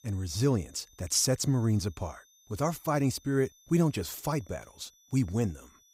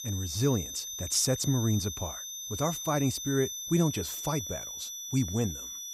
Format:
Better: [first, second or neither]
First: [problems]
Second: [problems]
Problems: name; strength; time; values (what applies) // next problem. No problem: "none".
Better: first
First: high-pitched whine; faint; throughout; 6 kHz, 30 dB below the speech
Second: high-pitched whine; loud; throughout; 6 kHz, 6 dB below the speech